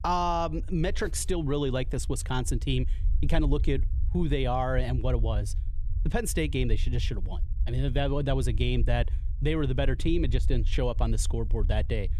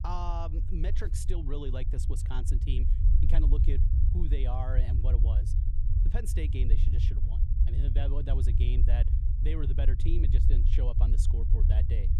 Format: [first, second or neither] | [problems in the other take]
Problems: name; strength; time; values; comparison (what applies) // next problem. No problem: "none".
first | low rumble; loud; throughout; 4 dB below the speech; faint in the first